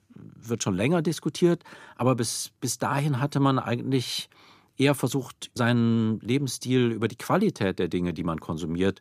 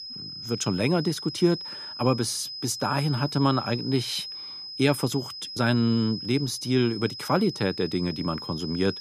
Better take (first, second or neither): first